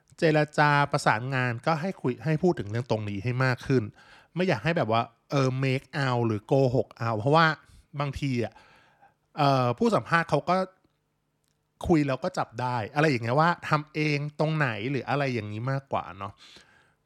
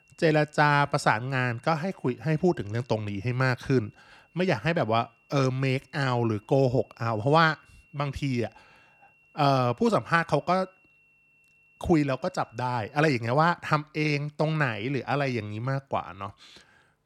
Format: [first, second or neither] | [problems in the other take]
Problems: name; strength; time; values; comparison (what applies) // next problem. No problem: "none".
first | high-pitched whine; faint; until 13 s; 2.5 kHz, 35 dB below the speech